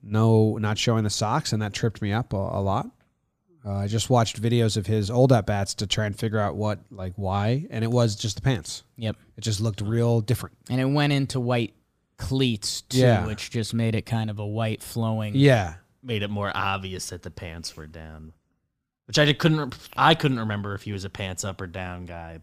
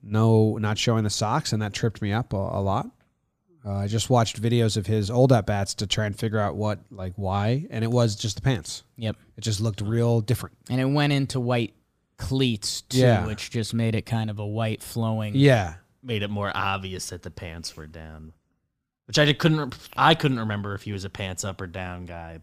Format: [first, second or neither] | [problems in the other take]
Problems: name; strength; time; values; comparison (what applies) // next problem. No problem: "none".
neither | none